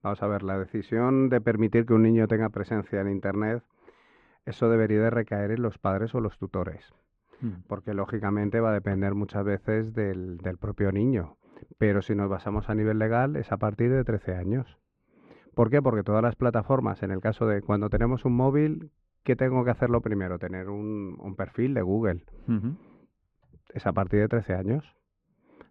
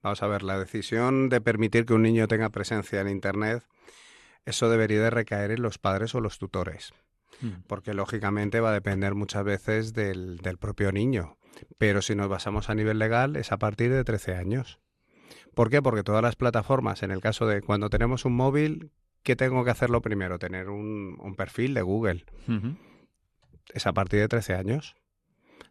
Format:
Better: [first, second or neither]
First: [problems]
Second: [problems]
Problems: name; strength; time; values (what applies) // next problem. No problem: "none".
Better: second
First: muffled; very; fading above 1.5 kHz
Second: none